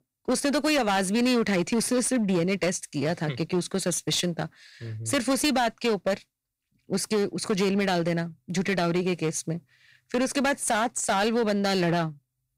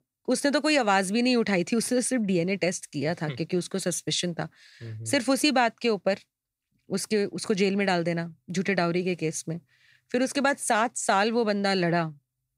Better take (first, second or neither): second